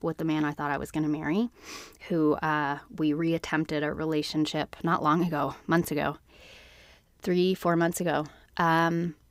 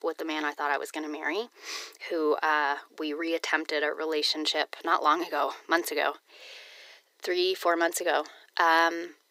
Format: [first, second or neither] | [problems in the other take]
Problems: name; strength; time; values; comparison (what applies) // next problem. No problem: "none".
first | thin; very; fading below 350 Hz